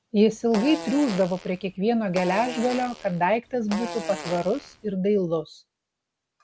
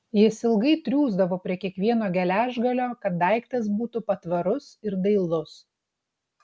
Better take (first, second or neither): second